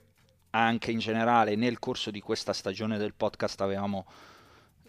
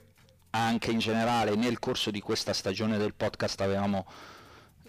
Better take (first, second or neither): first